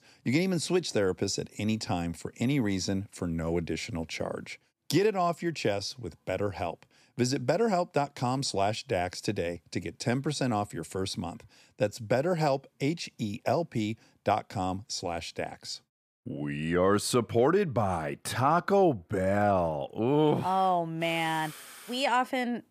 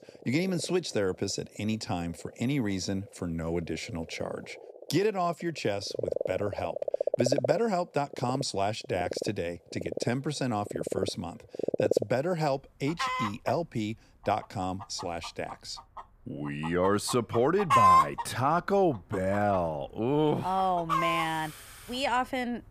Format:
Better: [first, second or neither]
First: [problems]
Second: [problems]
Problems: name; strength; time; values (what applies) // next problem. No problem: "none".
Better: first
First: none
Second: animal sounds; very loud; throughout; as loud as the speech